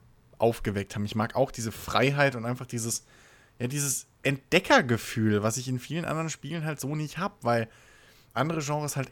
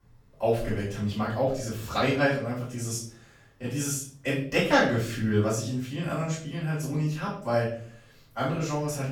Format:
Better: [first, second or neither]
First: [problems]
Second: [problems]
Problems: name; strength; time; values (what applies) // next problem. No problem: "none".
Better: first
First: none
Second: off-mic speech; far // room echo; noticeable; dies away in 0.5 s